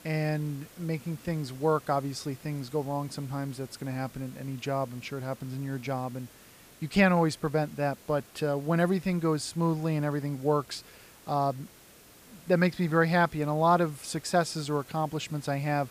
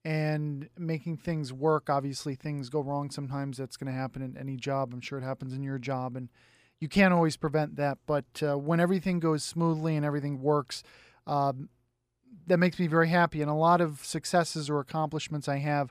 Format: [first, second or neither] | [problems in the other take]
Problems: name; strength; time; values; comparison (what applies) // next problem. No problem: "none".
second | hiss; faint; throughout; 20 dB below the speech